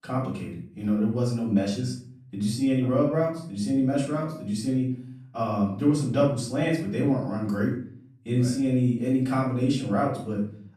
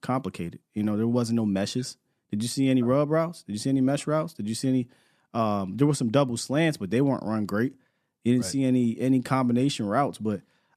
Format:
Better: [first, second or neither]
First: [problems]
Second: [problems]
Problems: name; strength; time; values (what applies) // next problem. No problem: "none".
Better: second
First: room echo; noticeable; dies away in 0.5 s // off-mic speech; far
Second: none